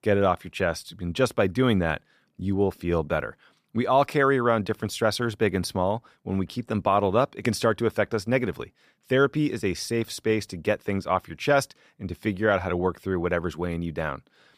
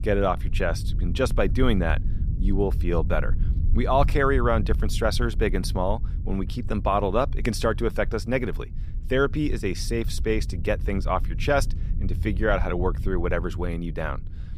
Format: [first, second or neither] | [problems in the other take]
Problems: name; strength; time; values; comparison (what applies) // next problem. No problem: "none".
first | low rumble; noticeable; throughout; 20 dB below the speech